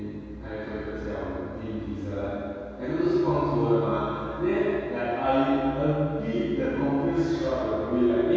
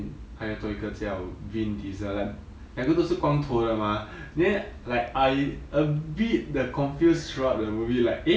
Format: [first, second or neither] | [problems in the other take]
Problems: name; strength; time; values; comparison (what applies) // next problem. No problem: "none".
second | room echo; dies away in 2.2 s